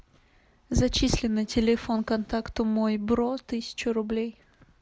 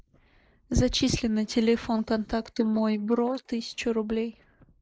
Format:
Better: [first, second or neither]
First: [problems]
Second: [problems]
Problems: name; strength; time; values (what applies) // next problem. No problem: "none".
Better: first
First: none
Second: noise reduction (neural mask model Resemble Enhance denoiser)